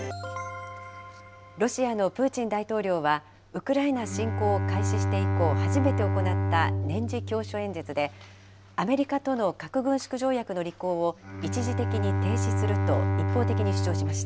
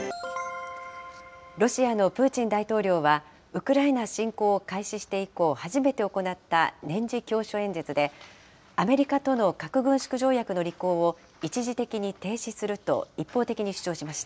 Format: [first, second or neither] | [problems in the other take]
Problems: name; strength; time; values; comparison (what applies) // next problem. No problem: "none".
second | background sound (Bowed string instrument); as loud as the speech